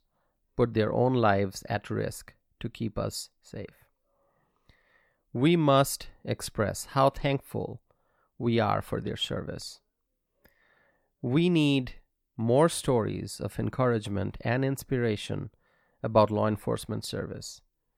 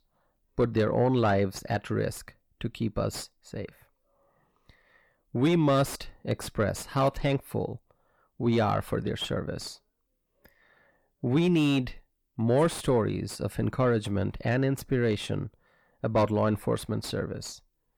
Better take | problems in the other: first | distortion; slight; 10 dB below the speech

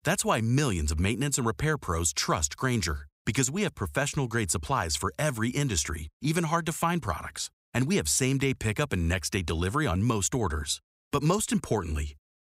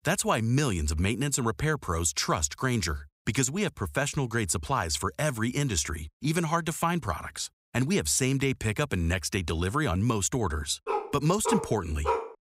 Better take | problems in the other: first | dog barking; noticeable; from 11 s on; peak 2 dB below the speech

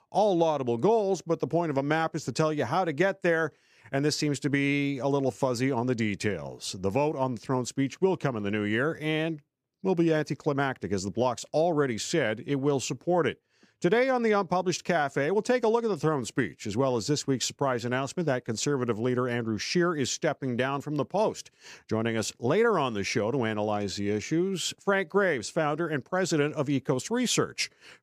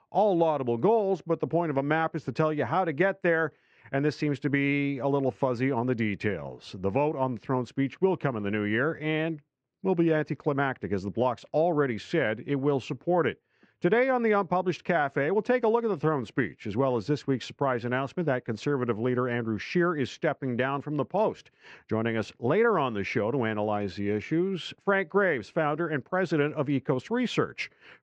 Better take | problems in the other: first | muffled; slightly; fading above 2 kHz

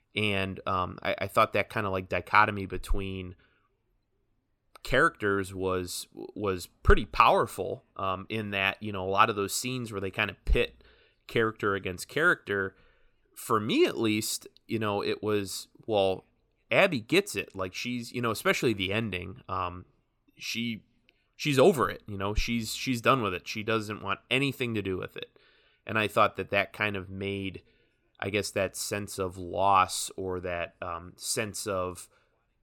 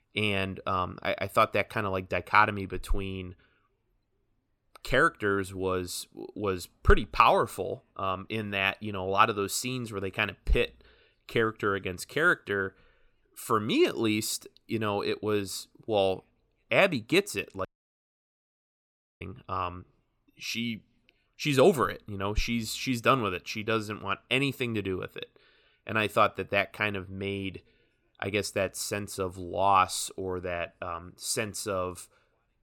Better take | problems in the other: first | audio cutting out; at 18 s for 1.5 s

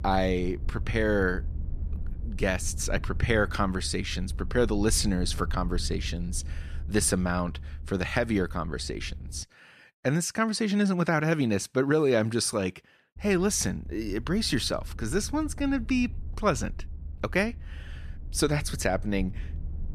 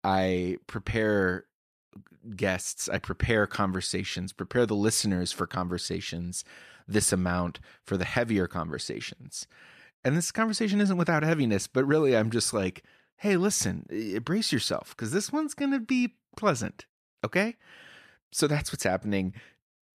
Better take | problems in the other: second | low rumble; faint; until 9.5 s and from 13 s on; 25 dB below the speech

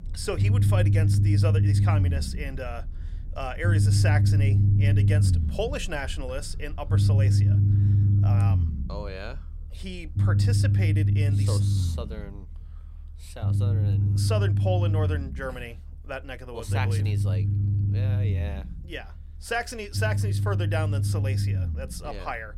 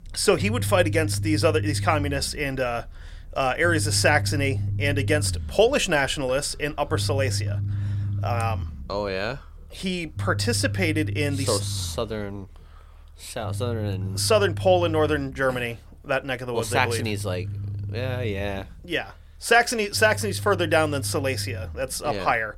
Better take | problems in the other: second | low rumble; loud; throughout; 3 dB below the speech; faint in the second

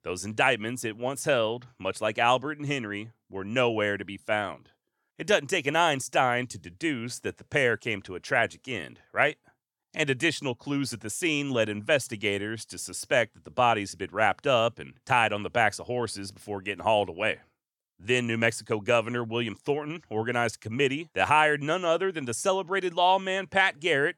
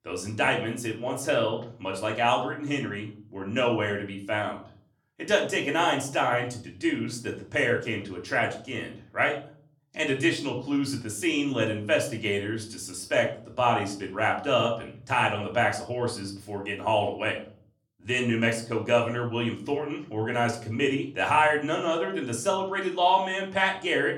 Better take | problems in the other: first | room echo; slight; dies away in 0.4 s // off-mic speech; somewhat distant

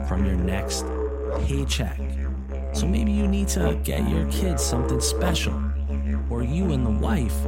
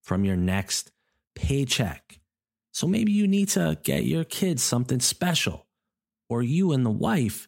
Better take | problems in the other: second | background music; very loud; throughout; as loud as the speech

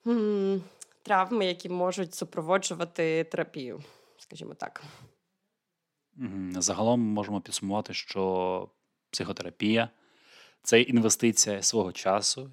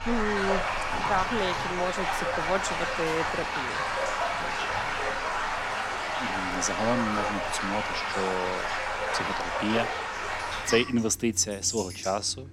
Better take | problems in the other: first | rain or running water; very loud; throughout; 1 dB above the speech

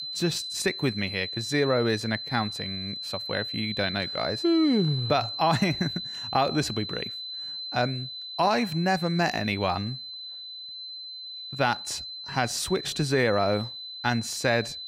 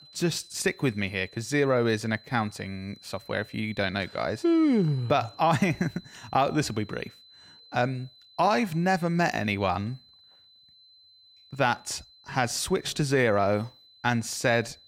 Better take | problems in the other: second | high-pitched whine; loud; throughout; 4 kHz, 7 dB below the speech; faint in the second

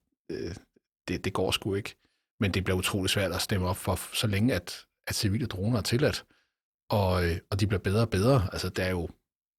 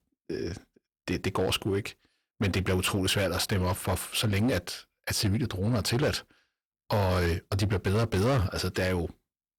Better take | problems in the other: first | distortion; slight; 9% of the sound clipped

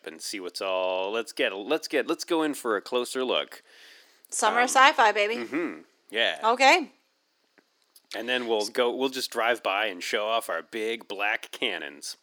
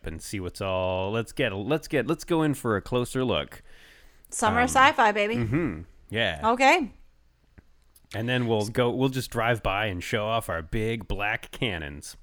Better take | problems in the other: second | thin; somewhat; fading below 300 Hz

